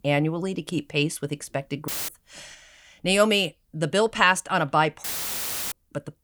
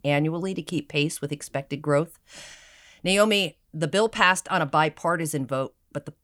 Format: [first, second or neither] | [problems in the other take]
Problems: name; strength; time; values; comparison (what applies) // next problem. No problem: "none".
second | audio cutting out; filled with static; at 2 s and at 5 s for 0.5 s